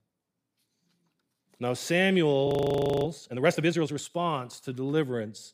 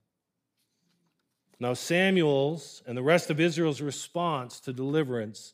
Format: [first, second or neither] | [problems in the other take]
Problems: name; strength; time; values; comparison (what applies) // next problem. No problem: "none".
second | audio freezing; at 2.5 s for 0.5 s